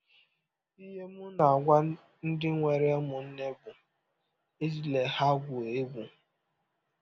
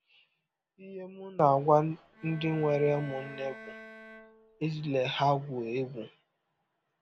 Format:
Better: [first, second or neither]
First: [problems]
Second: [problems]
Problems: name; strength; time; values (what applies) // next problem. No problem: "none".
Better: first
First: none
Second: background sound (Bowed string instrument); 18 dB below the speech